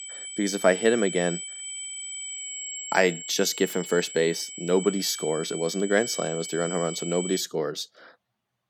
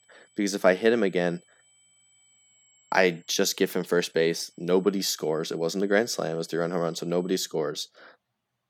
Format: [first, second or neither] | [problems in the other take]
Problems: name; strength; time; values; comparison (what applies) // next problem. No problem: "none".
second | high-pitched whine; loud; until 7.5 s; 8 kHz, 8 dB below the speech; faint in the second